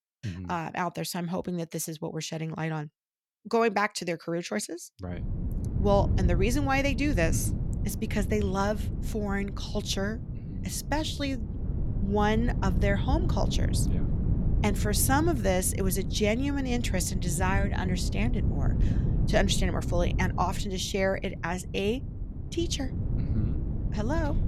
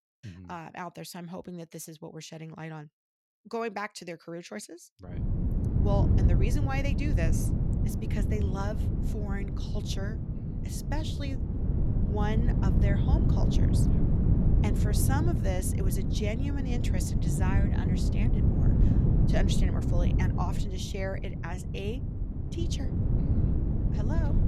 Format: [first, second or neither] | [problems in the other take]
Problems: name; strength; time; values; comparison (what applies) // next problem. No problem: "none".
first | wind noise on the microphone; heavy; from 5 s on; 1 dB below the speech; occasional gusts in the first